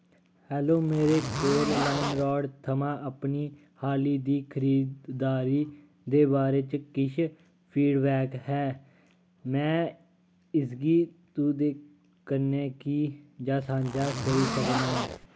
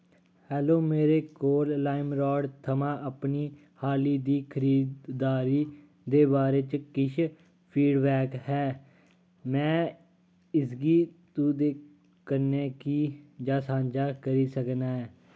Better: second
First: background sound (Zipper (clothing)); 4 dB below the speech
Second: none

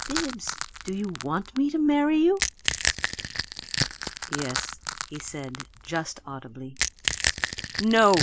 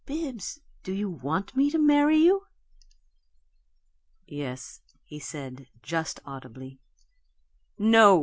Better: second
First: background sound (Crack / Crushing); 4 dB below the speech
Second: none

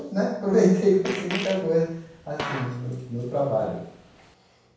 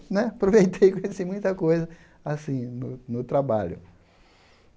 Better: second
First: background sound (Fart); 12 dB below the speech // room echo; dies away in 0.7 s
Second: none

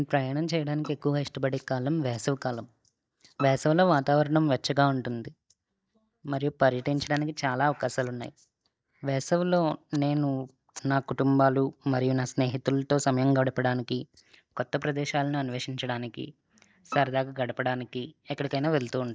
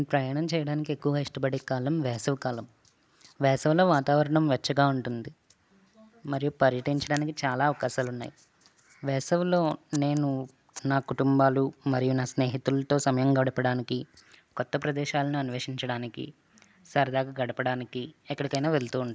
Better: second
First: noise reduction (neural mask model DeepFilterNet 3)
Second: none

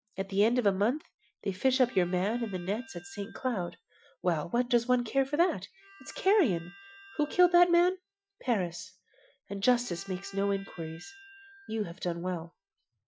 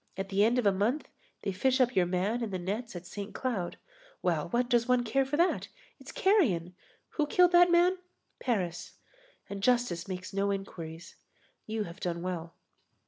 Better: second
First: noise reduction (classical method Wiener filter)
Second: none

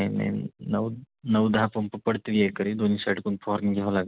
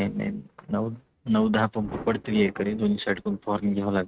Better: first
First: none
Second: noise reduction (neural mask model RNNoise)

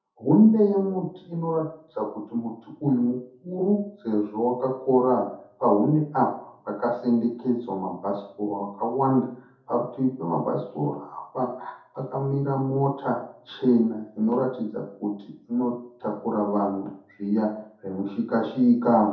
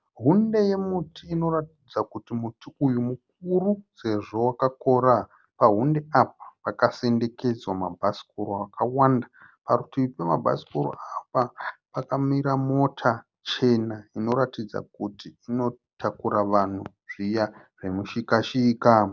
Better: second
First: room echo; dies away in 0.5 s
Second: none

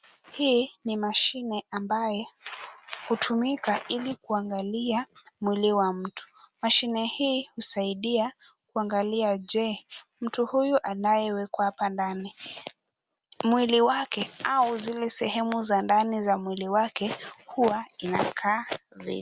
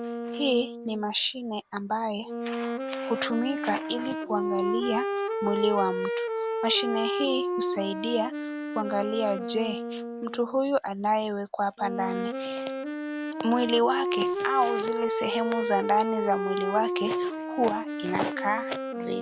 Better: first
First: none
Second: background sound (Wind instrument, woodwind instrument); 2 dB below the speech

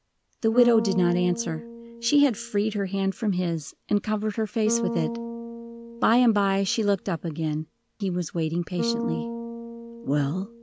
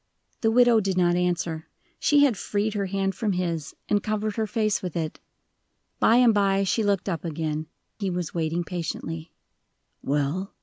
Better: second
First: background sound (Bass guitar); 9 dB below the speech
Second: none

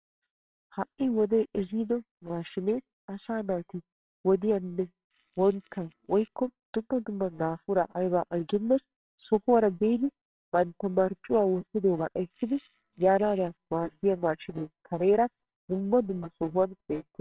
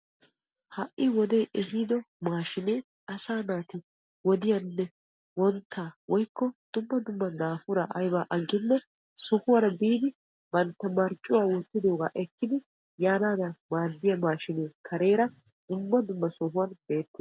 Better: second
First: noise reduction (neural separator model SepFormer WHAMR!)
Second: none

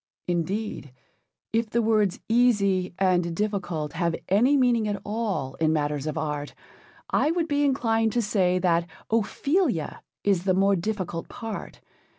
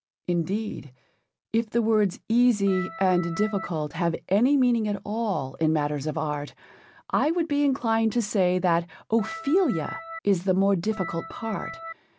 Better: first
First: none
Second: background sound (Organ); 12 dB below the speech

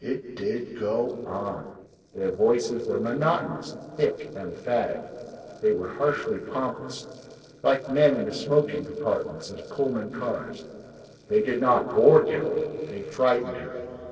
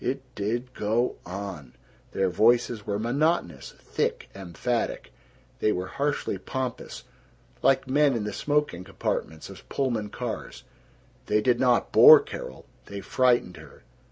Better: second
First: noise reduction (neural separator model SepFormer DNS4)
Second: none

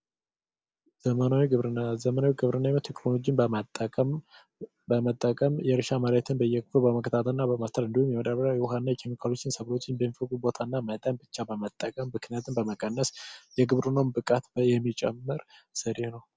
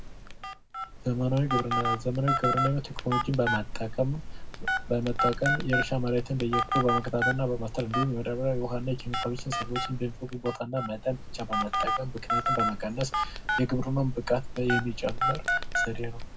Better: first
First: none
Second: background sound (Telephone); 1 dB below the speech // room echo; dies away in 0.3 s

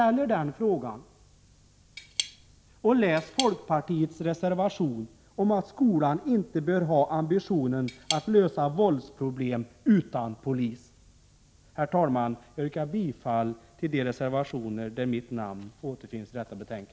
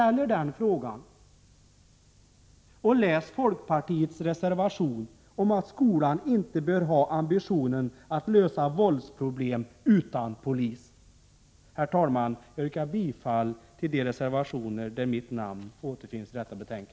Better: second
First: background sound (Cutlery, silverware / Tap); 10 dB below the speech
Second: none

